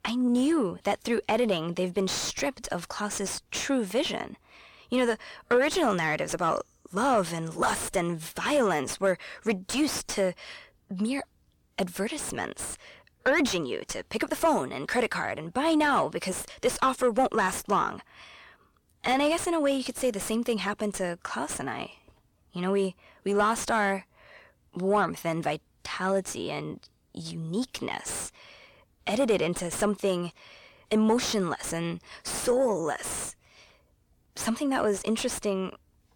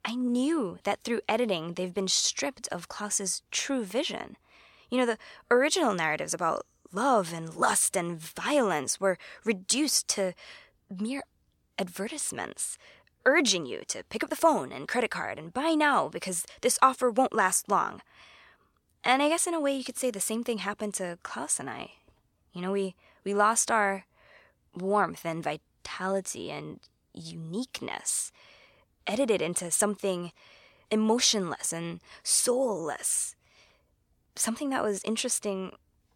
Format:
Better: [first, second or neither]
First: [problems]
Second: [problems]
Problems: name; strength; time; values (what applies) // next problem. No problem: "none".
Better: second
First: distortion; heavy; 6 dB below the speech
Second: none